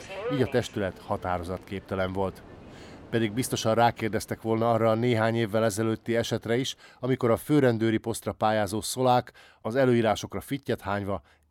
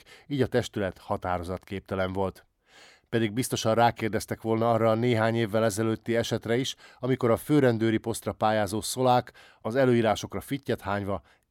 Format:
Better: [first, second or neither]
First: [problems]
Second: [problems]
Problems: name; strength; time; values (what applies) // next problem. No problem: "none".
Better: second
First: train or aircraft noise; noticeable; throughout; 20 dB below the speech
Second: none